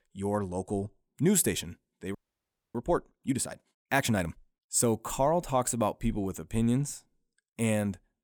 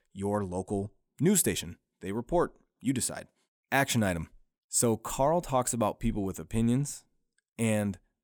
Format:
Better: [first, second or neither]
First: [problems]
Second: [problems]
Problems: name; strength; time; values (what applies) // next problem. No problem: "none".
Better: second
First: audio freezing; at 2 s for 0.5 s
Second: none